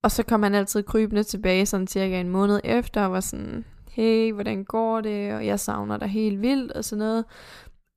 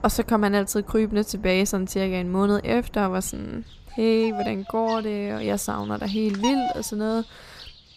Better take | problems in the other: first | animal sounds; noticeable; throughout; 15 dB below the speech

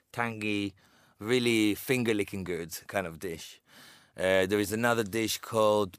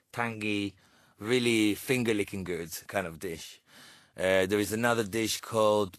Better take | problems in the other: first | garbled, watery; slightly; nothing above 13 kHz

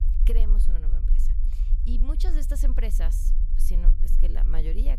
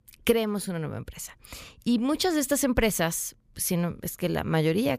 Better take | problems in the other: second | low rumble; loud; throughout; 8 dB below the speech

